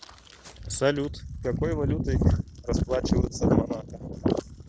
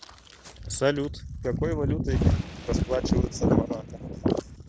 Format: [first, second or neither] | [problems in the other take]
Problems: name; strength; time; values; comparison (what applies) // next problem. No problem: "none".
first | background sound (Thunder); 19 dB below the speech